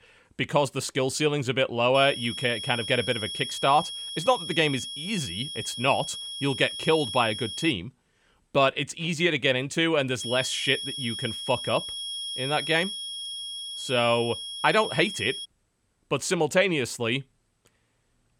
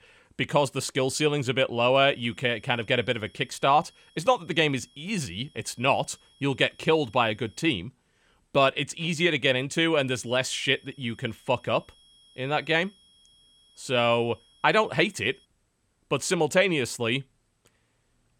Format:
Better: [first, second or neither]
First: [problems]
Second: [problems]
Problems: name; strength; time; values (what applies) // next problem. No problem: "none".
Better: second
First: high-pitched whine; loud; from 2 to 7.5 s and from 10 to 15 s; 3.5 kHz, 7 dB below the speech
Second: high-pitched whine; faint; from 2 to 7.5 s and from 10 to 15 s; 3.5 kHz, 30 dB below the speech